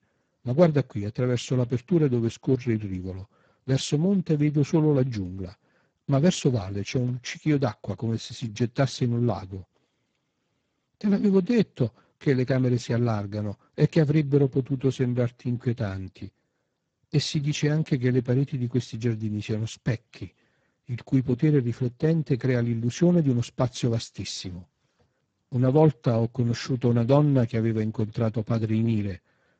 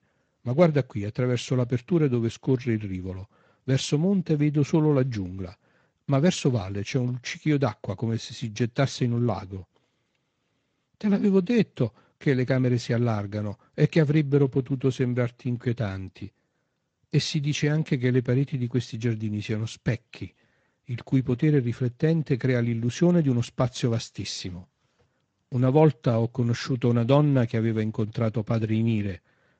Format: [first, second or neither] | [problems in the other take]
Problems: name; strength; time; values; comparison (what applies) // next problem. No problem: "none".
second | garbled, watery; badly; nothing above 7.5 kHz; slightly in the second